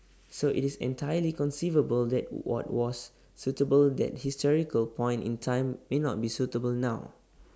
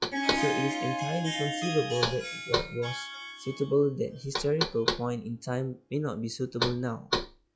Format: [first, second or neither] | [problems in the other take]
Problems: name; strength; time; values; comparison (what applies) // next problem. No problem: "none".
first | noise reduction (classical method log-MMSE)